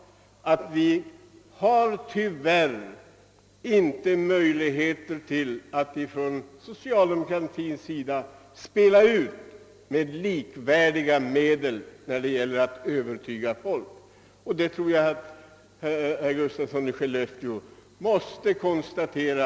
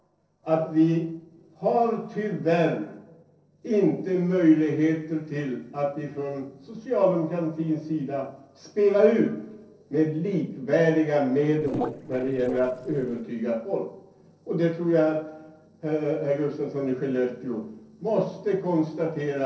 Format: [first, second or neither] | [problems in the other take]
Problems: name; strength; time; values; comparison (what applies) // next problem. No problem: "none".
first | noise reduction (neural separator model SepFormer DNS4)